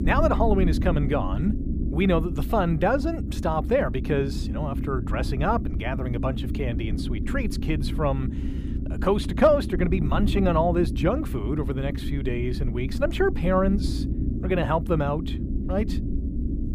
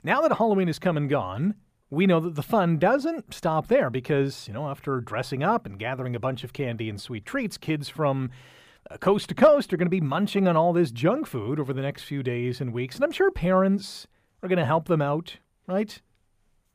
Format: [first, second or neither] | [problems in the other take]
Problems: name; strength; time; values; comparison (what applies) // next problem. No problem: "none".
second | low rumble; noticeable; throughout; 10 dB below the speech